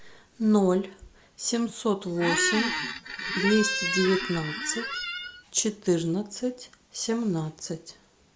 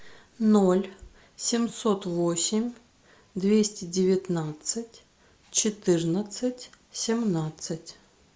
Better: second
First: background sound (Squeak); 2 dB below the speech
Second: none

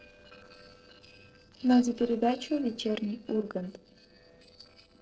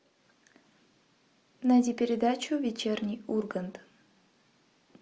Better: second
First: noise reduction (neural separator model SepFormer DNS4)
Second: none

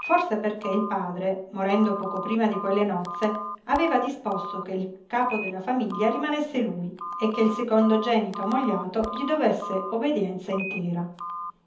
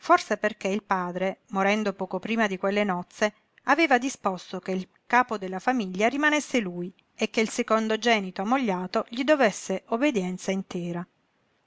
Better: second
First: background sound (Telephone); 10 dB below the speech // room echo; dies away in 0.7 s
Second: none

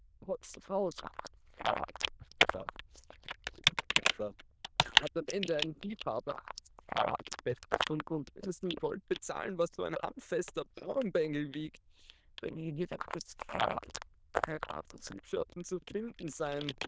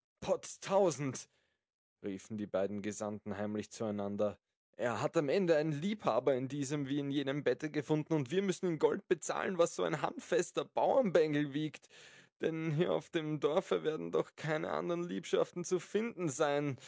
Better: second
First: noise reduction (neural diffusion model UNIVERSE++)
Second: none

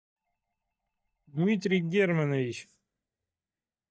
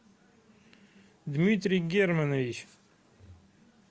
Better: second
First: noise reduction (neural mask model DeepFilterNet 3)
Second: none

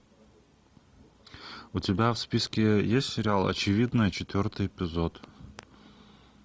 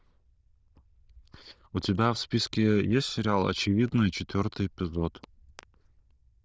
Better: first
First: none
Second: noise reduction (neural diffusion model UNIVERSE++)

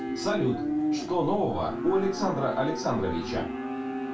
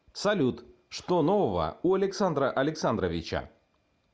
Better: second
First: background sound (Livestock, farm animals, working animals); 3 dB below the speech // room echo; dies away in 0.2 s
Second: none

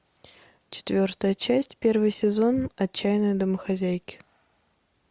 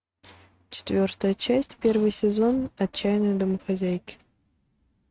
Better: first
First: none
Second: noise reduction (neural mask model RNNoise)

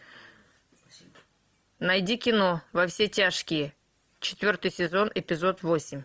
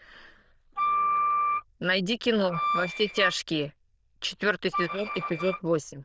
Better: first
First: none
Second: noise reduction (neural diffusion model UNIVERSE++)

